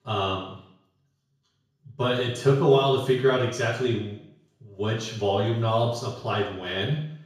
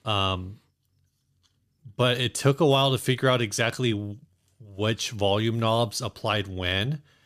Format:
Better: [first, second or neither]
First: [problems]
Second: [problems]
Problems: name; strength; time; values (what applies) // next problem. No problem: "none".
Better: second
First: room echo; noticeable; dies away in 0.7 s // off-mic speech; far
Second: none